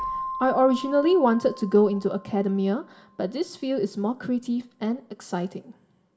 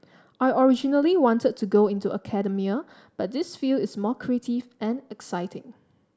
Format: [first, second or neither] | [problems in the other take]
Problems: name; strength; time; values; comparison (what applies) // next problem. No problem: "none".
second | background sound (Keyboard (musical)); 14 dB below the speech // room echo; dies away in 0.3 s